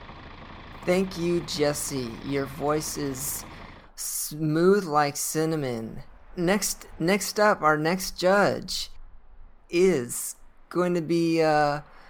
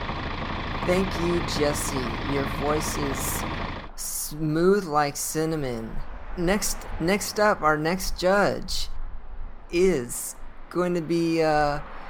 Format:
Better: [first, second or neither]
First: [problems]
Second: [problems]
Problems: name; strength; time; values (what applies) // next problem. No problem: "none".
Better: first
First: traffic noise; faint; throughout; 20 dB below the speech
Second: traffic noise; loud; throughout; 8 dB below the speech